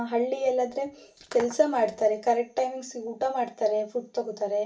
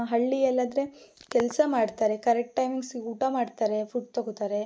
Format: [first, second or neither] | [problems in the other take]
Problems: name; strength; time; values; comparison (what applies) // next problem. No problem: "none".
second | room echo; dies away in 0.2 s